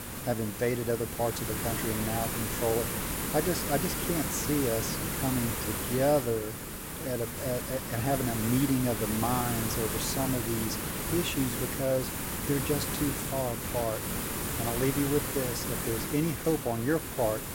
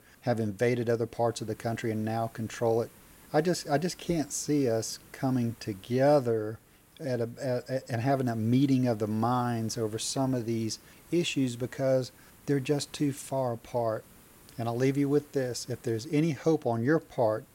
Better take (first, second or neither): second